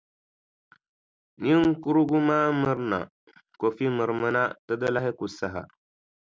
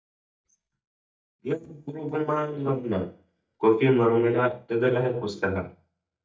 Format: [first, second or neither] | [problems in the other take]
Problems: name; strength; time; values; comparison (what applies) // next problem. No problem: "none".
first | noise reduction (neural mask model DeepFilterNet 3)